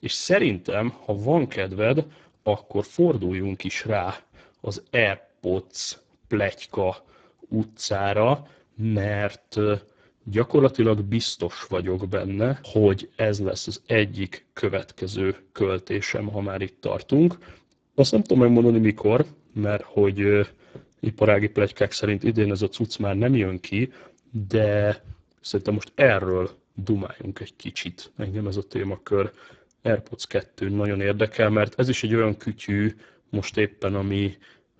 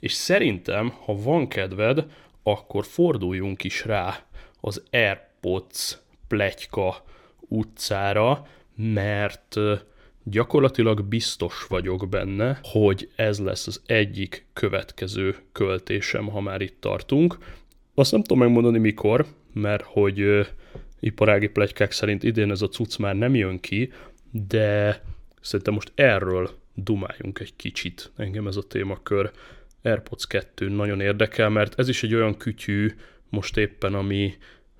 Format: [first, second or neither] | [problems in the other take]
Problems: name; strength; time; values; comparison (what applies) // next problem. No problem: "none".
second | garbled, watery; badly; nothing above 7.5 kHz